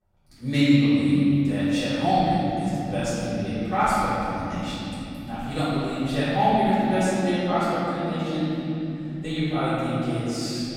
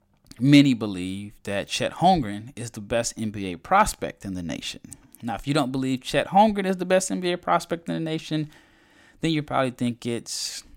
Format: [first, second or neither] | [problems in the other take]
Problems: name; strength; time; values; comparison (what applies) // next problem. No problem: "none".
second | off-mic speech; far // room echo; strong; dies away in 3 s